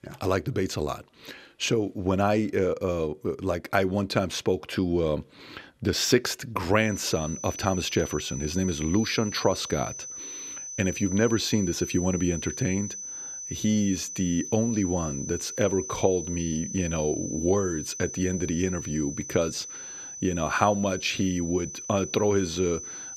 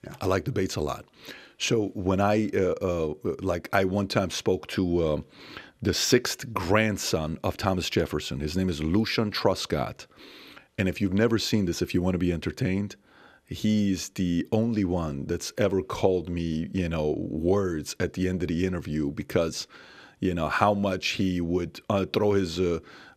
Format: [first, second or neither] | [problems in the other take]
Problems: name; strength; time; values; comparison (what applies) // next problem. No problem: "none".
second | high-pitched whine; loud; from 7 s on; 6 kHz, 8 dB below the speech